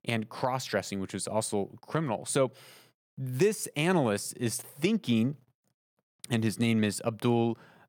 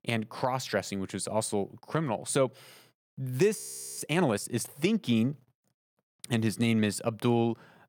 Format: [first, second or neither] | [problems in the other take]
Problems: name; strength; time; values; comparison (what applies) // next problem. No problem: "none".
first | audio freezing; at 3.5 s